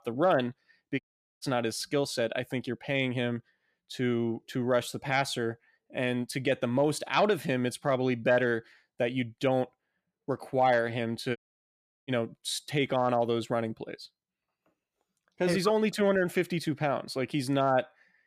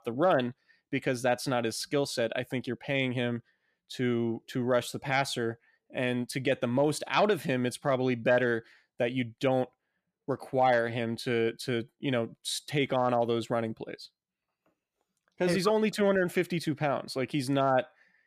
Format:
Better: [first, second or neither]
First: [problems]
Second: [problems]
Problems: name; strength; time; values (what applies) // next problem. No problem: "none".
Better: second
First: audio cutting out; at 1 s and at 11 s for 0.5 s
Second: none